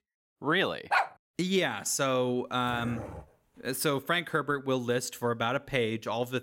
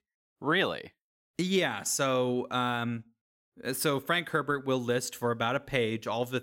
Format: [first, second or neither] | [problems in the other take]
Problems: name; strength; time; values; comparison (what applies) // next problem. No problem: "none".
second | dog barking; loud; at 1 s; peak 1 dB above the speech // dog barking; faint; at 2.5 s; peak 10 dB below the speech